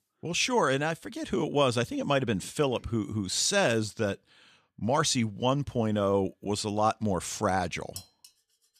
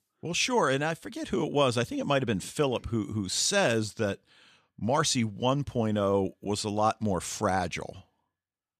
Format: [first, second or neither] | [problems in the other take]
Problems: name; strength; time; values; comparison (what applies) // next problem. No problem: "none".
second | clattering dishes; faint; at 8 s; peak 15 dB below the speech